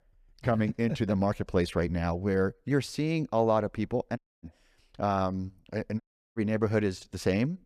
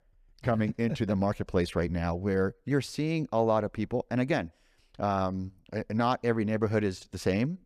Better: second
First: audio cutting out; at 4 s and at 6 s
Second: none

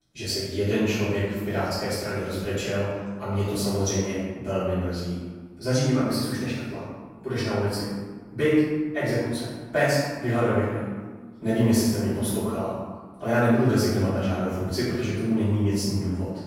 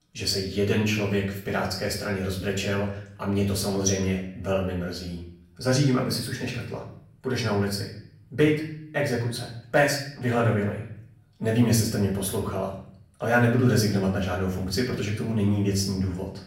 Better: second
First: room echo; strong; dies away in 1.3 s // off-mic speech; far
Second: room echo; slight; dies away in 0.6 s // off-mic speech; far

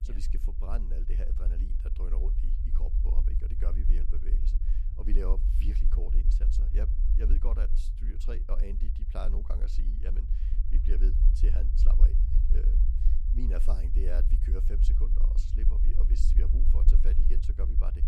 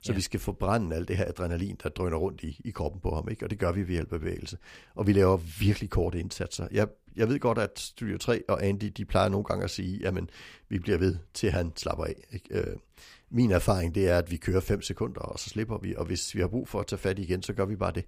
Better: second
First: low rumble; loud; throughout; 4 dB below the speech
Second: none

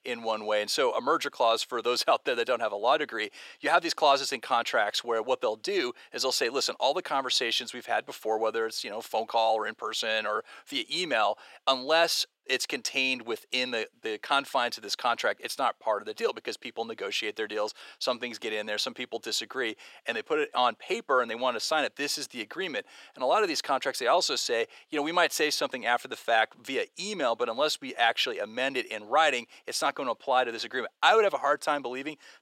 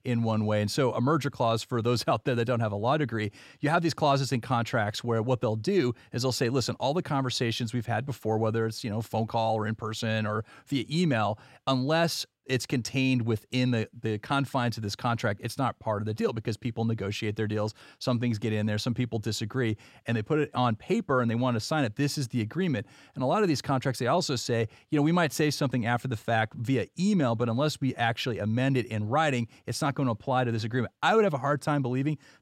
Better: second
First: thin; very; fading below 450 Hz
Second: none

